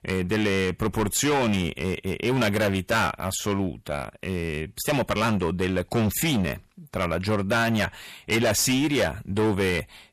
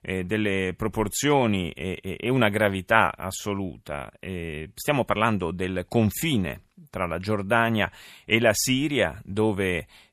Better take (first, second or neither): second